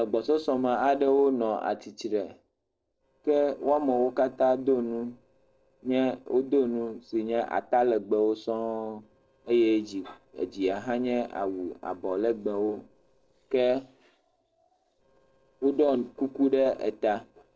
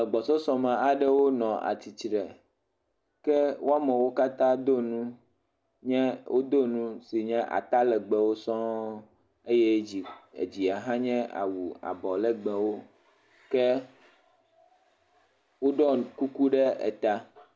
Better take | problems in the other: second | noise reduction (neural separator model SepFormer DNS4)

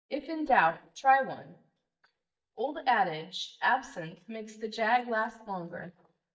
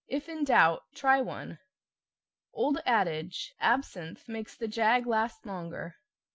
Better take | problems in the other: second | noise reduction (neural mask model DeepFilterNet 3)

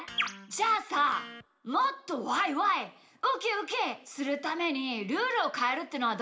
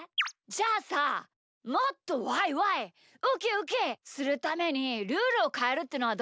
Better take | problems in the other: second | background sound (Electric guitar); 18 dB below the speech // room echo; dies away in 0.5 s

